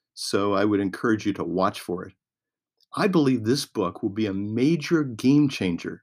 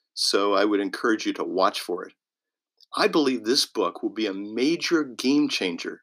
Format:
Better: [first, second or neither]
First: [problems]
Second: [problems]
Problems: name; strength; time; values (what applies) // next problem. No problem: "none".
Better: first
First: none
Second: thin; very slightly; fading below 300 Hz